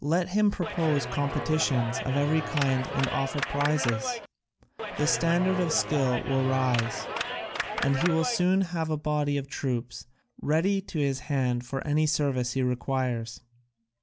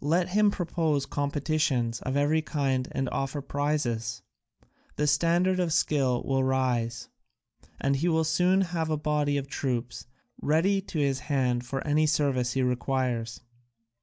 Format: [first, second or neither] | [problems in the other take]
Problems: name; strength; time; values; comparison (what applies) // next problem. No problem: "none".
second | background sound (Clapping); 6 dB below the speech